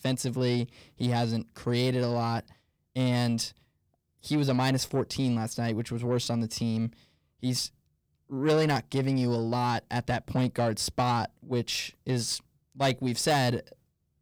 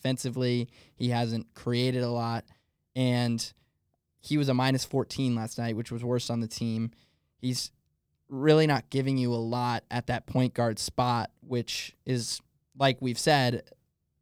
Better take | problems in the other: second | distortion; slight; 10 dB below the speech

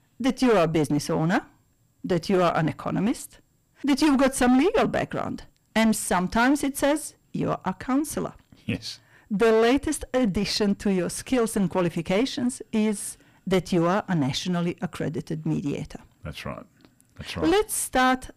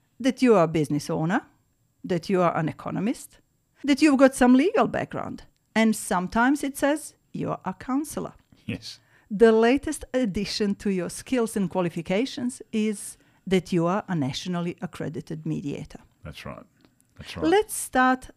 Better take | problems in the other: second | distortion; heavy; 10% of the sound clipped

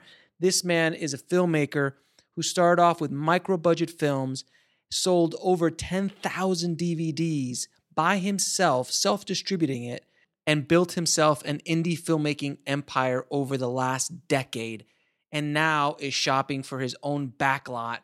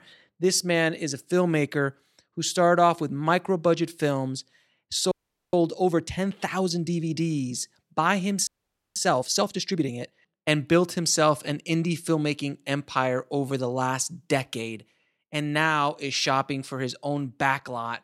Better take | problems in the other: first | audio freezing; at 5 s and at 8.5 s

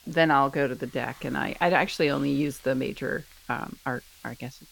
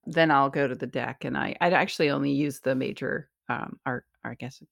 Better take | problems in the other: second | hiss; faint; throughout; 25 dB below the speech

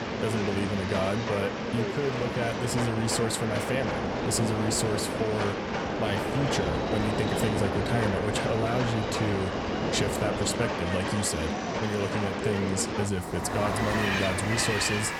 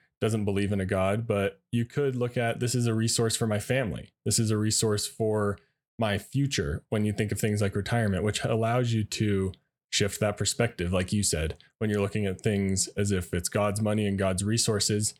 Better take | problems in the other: second | train or aircraft noise; very loud; throughout; as loud as the speech

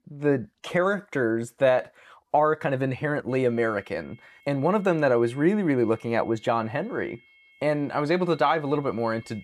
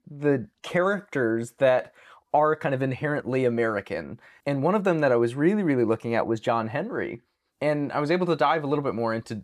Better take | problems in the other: second | high-pitched whine; faint; from 3.5 s on; 2 kHz, 30 dB below the speech

